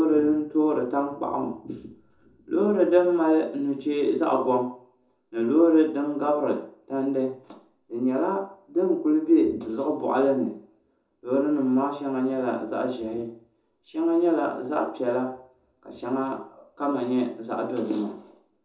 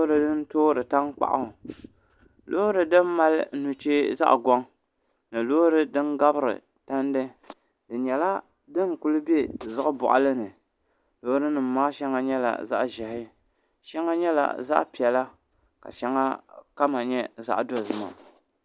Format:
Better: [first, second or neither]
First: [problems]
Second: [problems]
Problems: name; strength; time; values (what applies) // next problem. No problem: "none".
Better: second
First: room echo; dies away in 0.5 s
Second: none